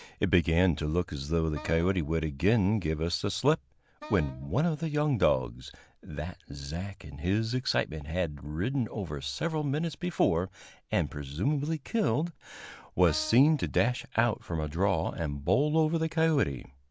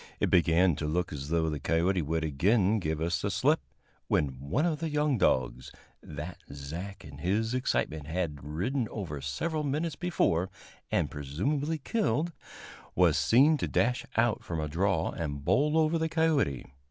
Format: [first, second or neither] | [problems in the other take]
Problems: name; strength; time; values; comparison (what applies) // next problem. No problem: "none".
second | background sound (Wind instrument, woodwind instrument); 20 dB below the speech